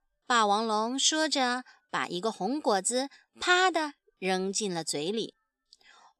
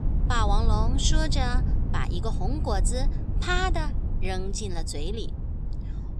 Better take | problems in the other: first | low rumble; noticeable; throughout; 10 dB below the speech

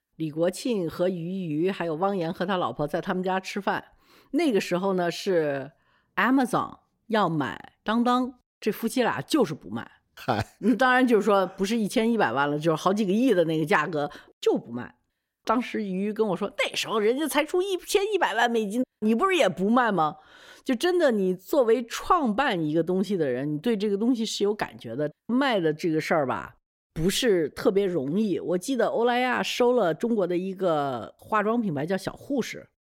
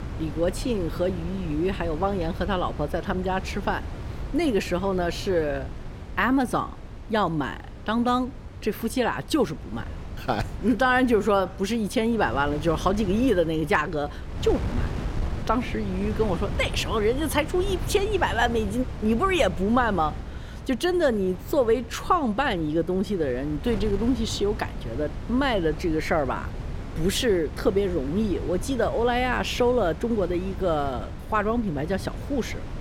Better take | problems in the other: first | wind noise on the microphone; occasional gusts; 15 dB below the speech

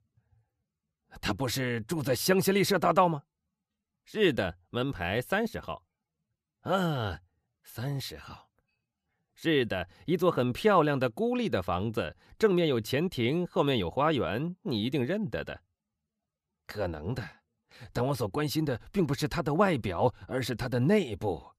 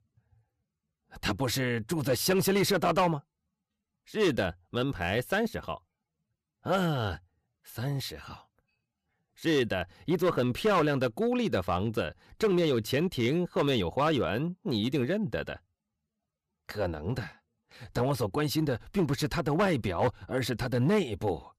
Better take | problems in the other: first | distortion; slight; 3% of the sound clipped

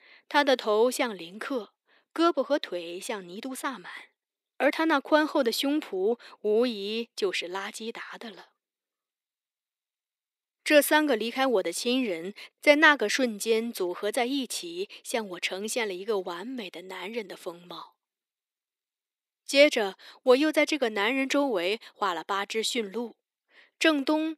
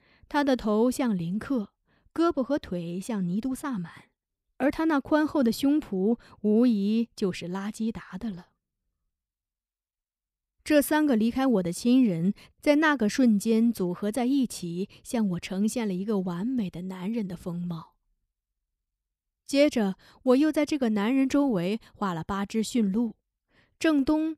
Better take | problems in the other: second | thin; somewhat; fading below 350 Hz

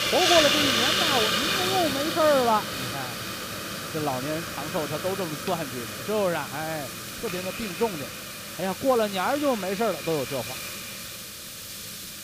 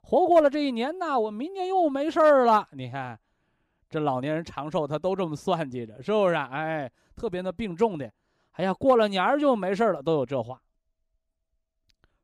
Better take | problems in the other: second | hiss; loud; throughout; as loud as the speech

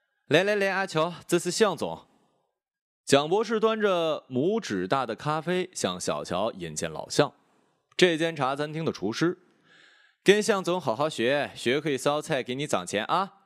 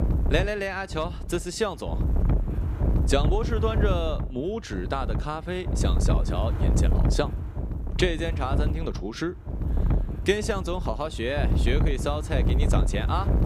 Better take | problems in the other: first | wind noise on the microphone; heavy; 8 dB below the speech

